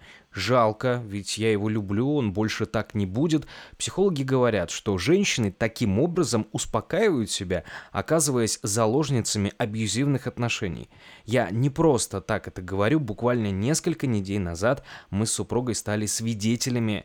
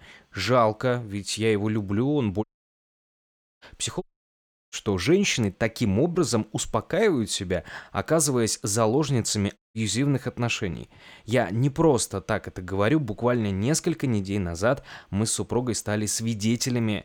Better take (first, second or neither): first